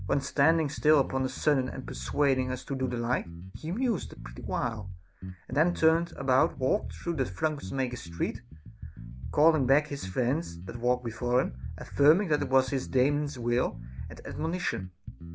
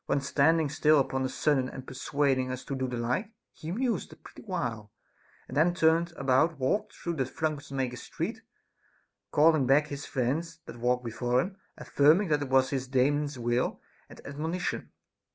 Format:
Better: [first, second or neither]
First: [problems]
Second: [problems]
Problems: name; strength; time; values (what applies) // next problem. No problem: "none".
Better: second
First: background sound (Bass guitar); 11 dB below the speech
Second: none